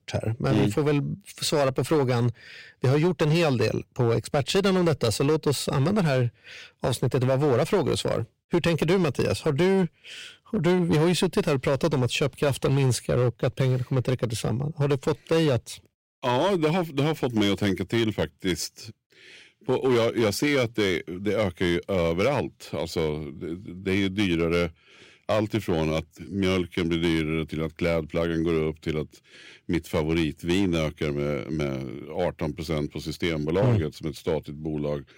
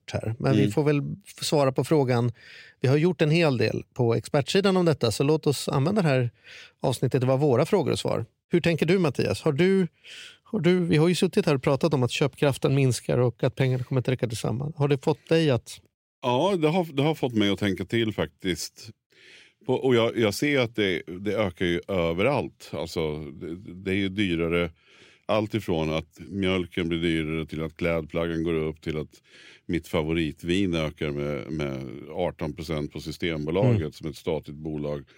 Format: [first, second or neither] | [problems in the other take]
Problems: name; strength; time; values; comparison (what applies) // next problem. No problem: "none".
second | distortion; slight; 6% of the sound clipped